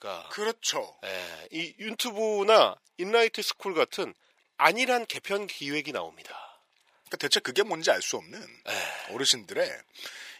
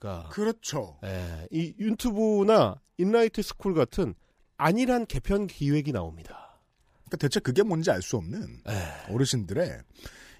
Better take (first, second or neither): second